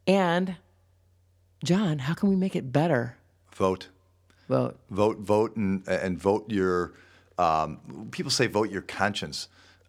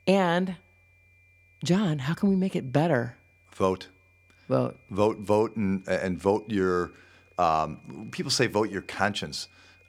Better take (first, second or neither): first